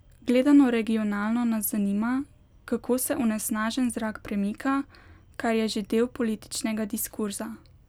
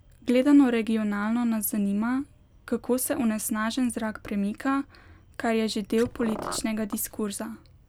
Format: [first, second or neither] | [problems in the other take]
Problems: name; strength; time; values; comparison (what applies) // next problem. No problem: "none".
first | background sound (Car); 12 dB below the speech